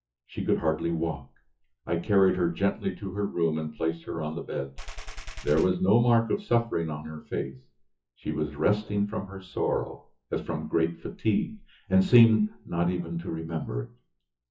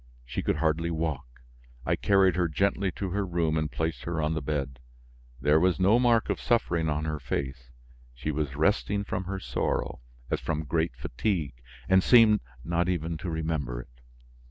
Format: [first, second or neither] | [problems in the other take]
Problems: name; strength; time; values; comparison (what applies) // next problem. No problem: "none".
second | noise reduction (classical method WPE with log-MMSE)